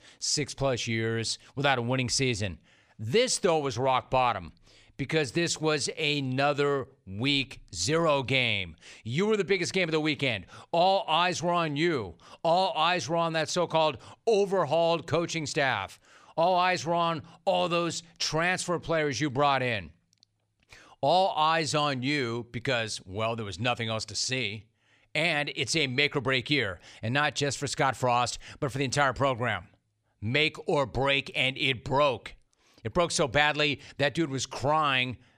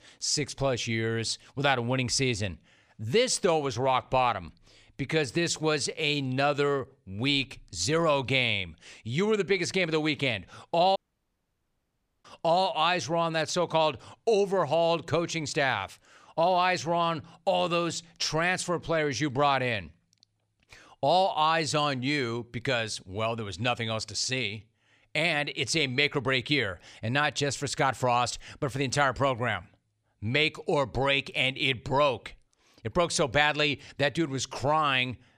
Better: first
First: none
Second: audio cutting out; at 11 s for 1.5 s

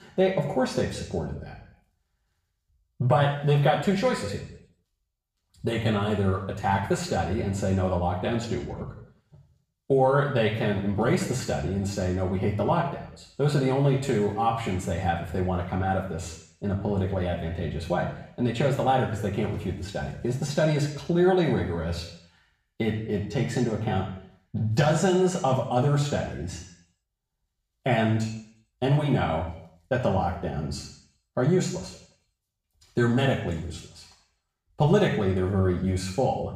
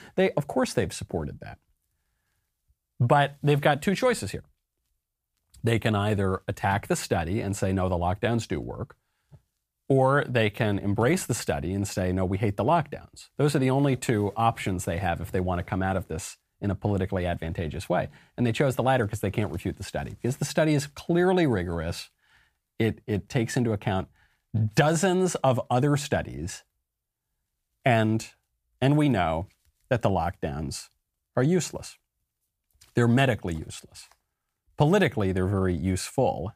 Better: second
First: room echo; noticeable; dies away in 0.7 s // off-mic speech; far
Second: none

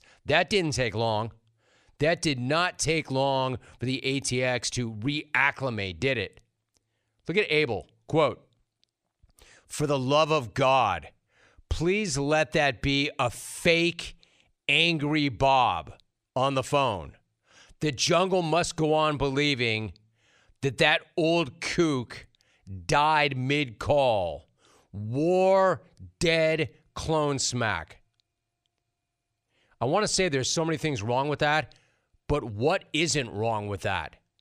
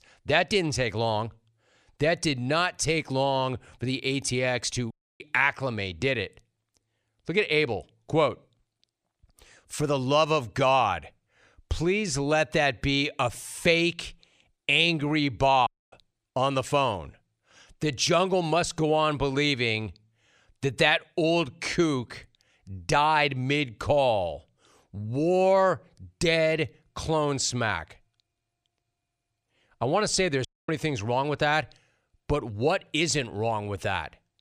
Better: first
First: none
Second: audio cutting out; at 5 s, at 16 s and at 30 s

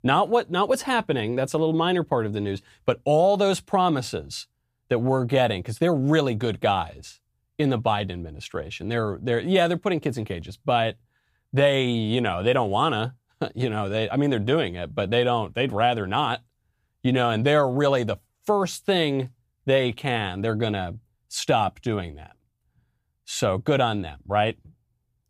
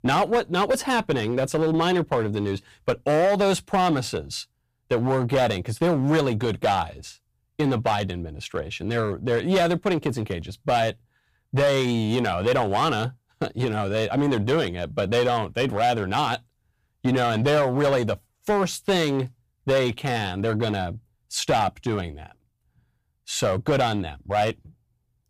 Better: first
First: none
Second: distortion; slight; 8% of the sound clipped

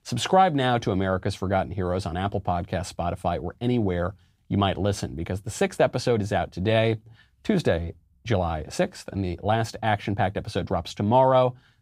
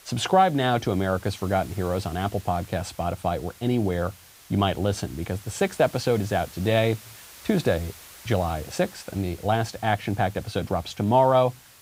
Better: first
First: none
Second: hiss; faint; throughout; 20 dB below the speech

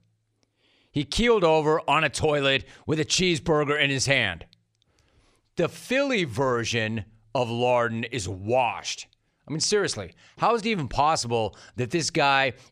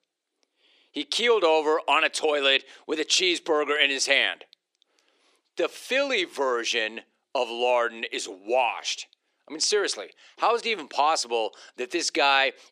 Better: first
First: none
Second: thin; somewhat; fading below 300 Hz

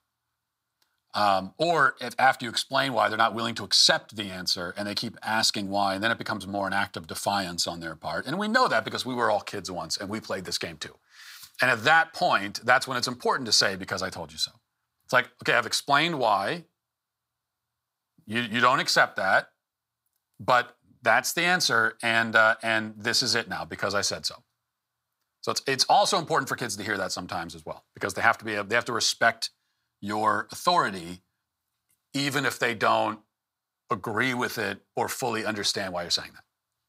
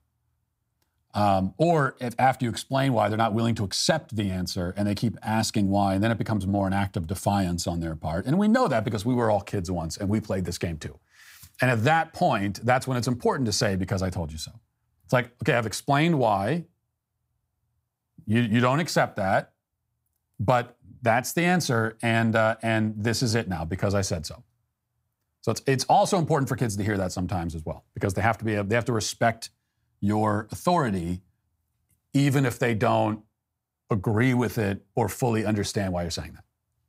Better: second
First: thin; somewhat; fading below 600 Hz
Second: none

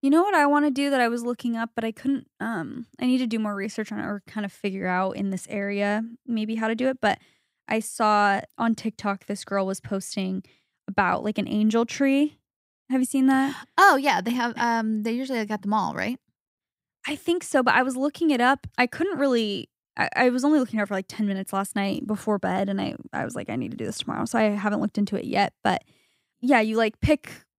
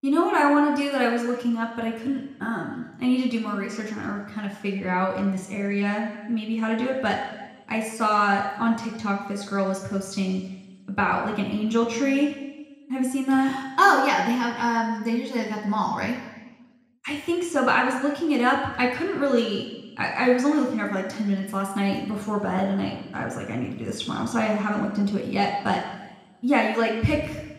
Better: first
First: none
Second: room echo; noticeable; dies away in 1.1 s // off-mic speech; somewhat distant

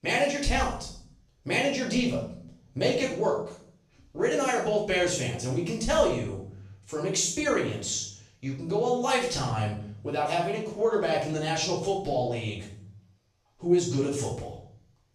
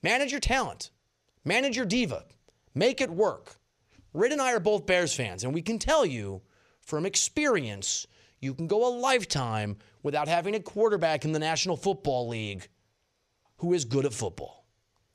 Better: second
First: room echo; noticeable; dies away in 0.6 s // off-mic speech; far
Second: none

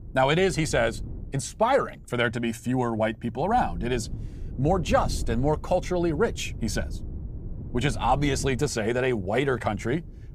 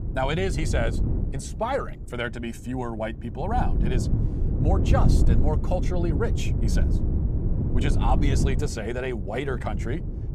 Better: first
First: wind noise on the microphone; occasional gusts; 25 dB below the speech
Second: wind noise on the microphone; heavy; 7 dB below the speech

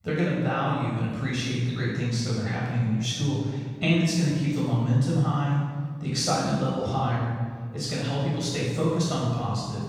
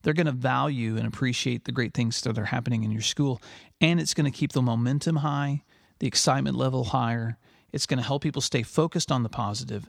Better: second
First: off-mic speech; far // room echo; strong; dies away in 1.5 s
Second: none

